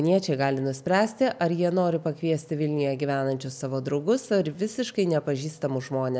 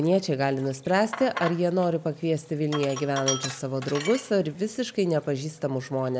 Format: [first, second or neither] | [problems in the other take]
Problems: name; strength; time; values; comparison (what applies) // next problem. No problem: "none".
first | background sound (Sink (filling or washing)); 13 dB below the speech